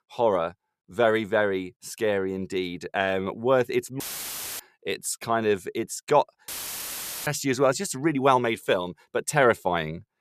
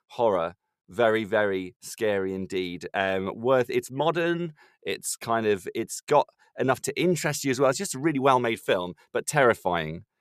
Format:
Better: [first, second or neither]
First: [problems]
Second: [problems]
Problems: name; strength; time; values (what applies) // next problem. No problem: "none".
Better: second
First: audio cutting out; filled with static; at 4 s for 0.5 s and at 6.5 s for 1 s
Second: none